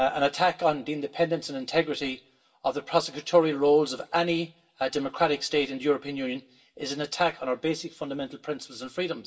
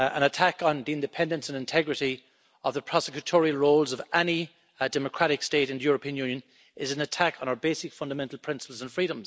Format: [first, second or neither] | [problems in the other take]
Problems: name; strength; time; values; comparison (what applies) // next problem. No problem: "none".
second | room echo; dies away in 0.2 s